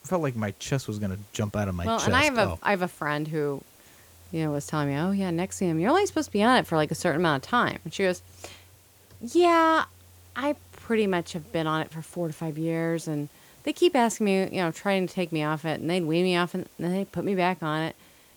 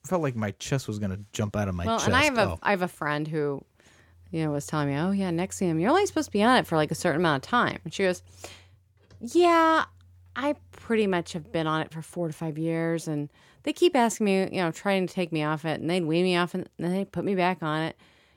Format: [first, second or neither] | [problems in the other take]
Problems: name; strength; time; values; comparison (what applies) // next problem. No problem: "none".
second | hiss; faint; throughout; 25 dB below the speech